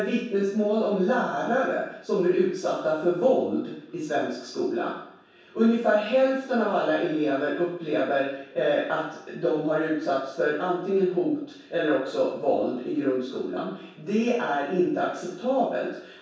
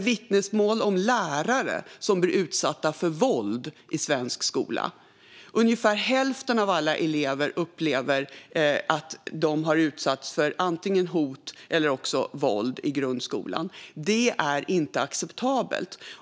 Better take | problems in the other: second | room echo; dies away in 0.7 s

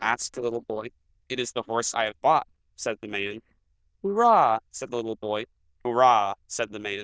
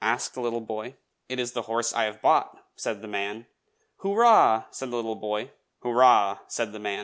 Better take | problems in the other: second | noise reduction (neural diffusion model UNIVERSE++)

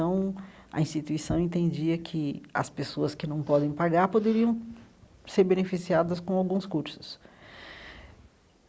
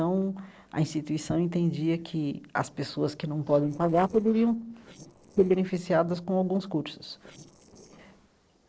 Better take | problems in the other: first | noise reduction (neural separator model SepFormer DNS4)

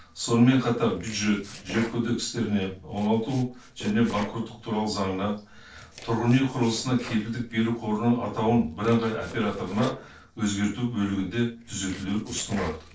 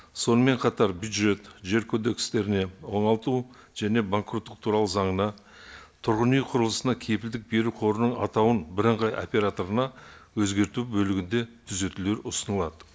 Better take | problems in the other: second | noise reduction (neural separator model SepFormer DNS4)

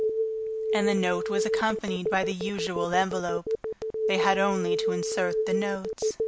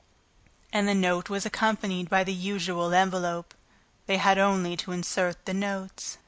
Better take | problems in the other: second | background sound (Telephone); 1 dB above the speech

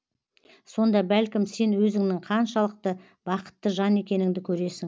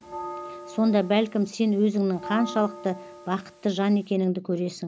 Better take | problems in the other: first | background sound (Bell); 15 dB below the speech

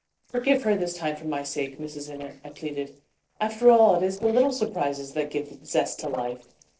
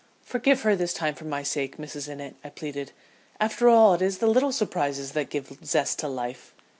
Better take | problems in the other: second | noise reduction (neural separator model SepFormer DNS4)

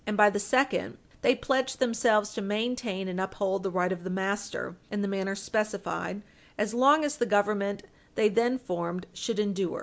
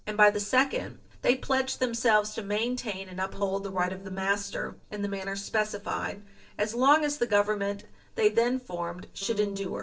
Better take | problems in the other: first | noise reduction (neural separator model SepFormer DNS4)

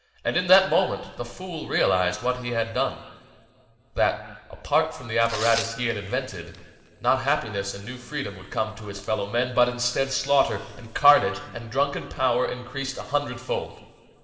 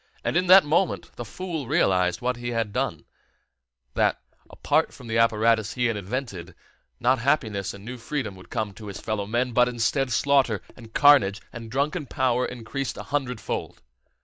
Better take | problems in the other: second | background sound (Tearing); 11 dB below the speech // room echo; dies away in 2.5 s

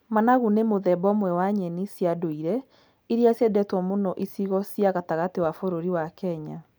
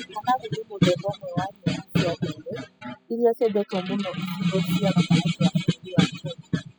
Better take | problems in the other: first | noise reduction (classical method spectral subtraction)

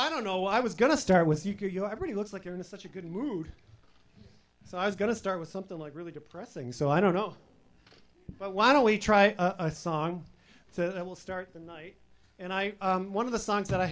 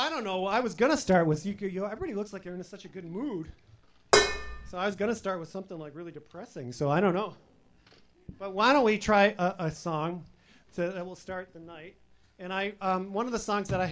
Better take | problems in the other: first | background sound (Dishes, pots, and pans); 5 dB above the speech

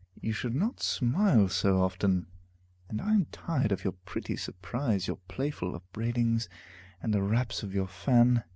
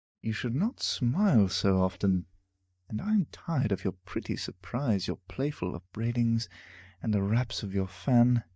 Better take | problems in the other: first | noise reduction (neural mask model DeepFilterNet 3)

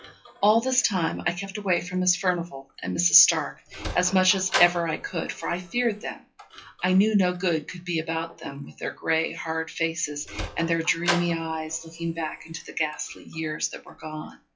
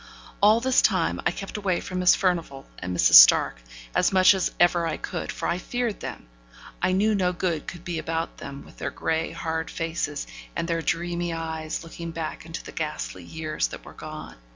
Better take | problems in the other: second | noise reduction (classical method WPE with log-MMSE)

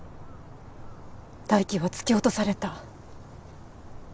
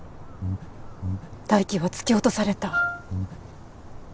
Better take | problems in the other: first | background sound (Breathing + Wind instrument, woodwind instrument); 3 dB below the speech

